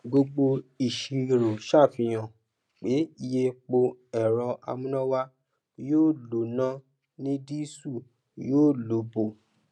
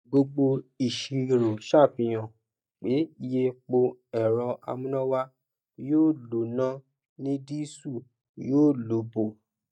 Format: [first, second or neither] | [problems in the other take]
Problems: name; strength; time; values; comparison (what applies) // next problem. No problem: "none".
first | noise reduction (neural mask model DeepFilterNet 3)